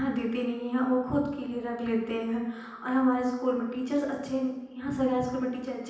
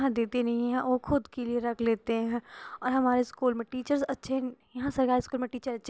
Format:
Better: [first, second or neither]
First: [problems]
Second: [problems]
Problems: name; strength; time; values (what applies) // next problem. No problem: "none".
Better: second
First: room echo; dies away in 0.9 s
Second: none